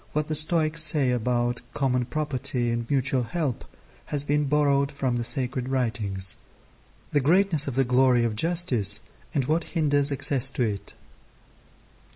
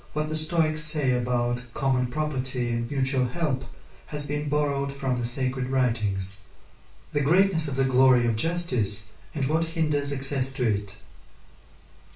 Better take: first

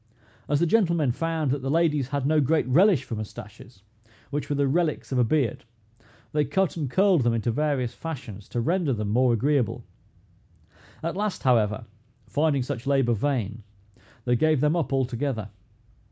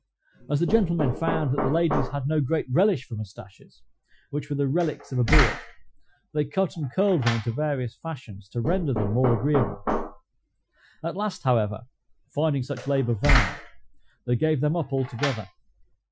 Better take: first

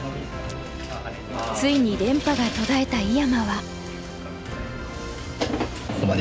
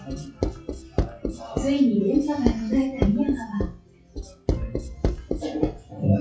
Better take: first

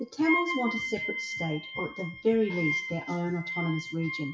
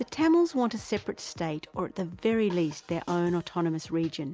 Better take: second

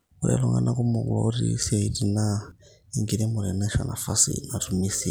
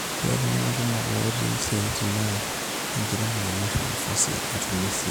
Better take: first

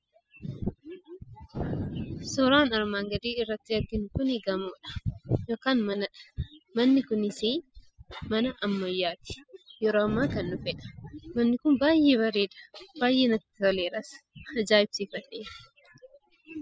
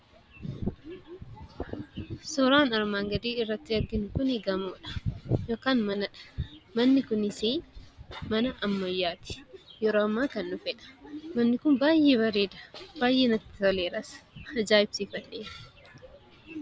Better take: second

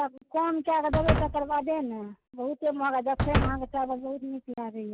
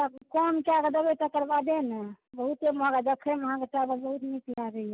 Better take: second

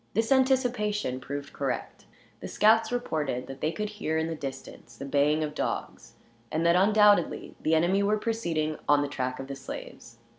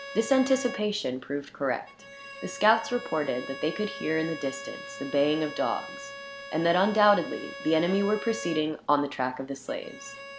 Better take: first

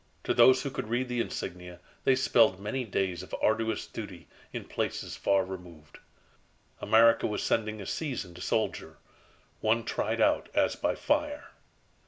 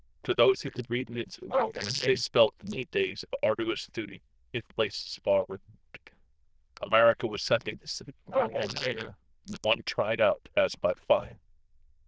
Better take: first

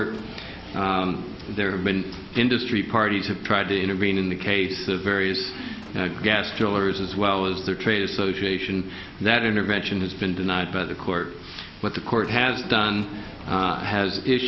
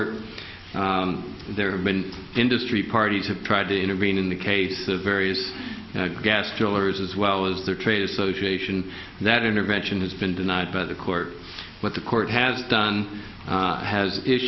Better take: second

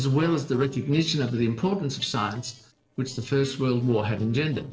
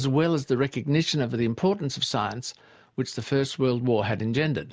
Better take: second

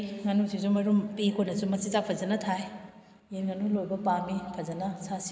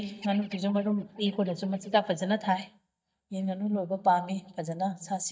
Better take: first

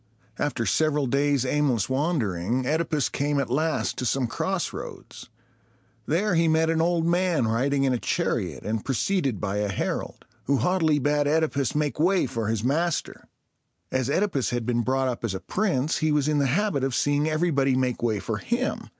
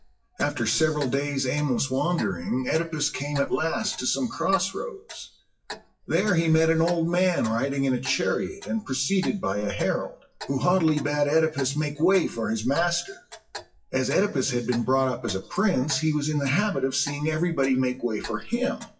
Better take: first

